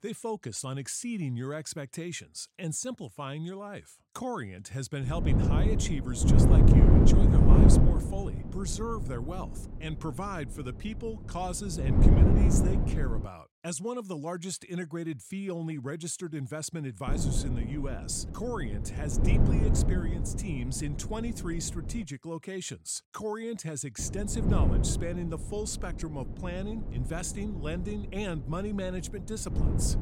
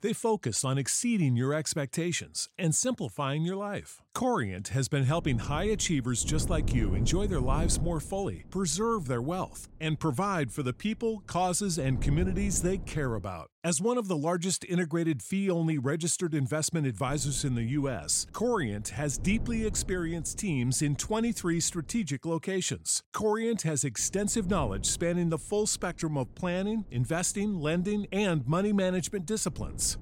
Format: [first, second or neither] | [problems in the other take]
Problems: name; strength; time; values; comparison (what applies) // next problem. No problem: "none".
second | wind noise on the microphone; heavy; from 5 to 13 s, from 17 to 22 s and from 24 s on; 2 dB above the speech; occasional gusts in the second